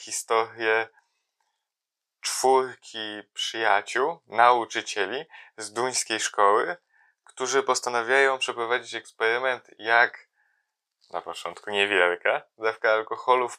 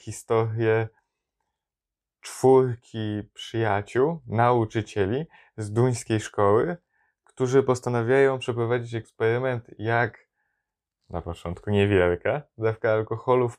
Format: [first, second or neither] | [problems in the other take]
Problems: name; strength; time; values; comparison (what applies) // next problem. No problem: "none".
second | thin; very; fading below 800 Hz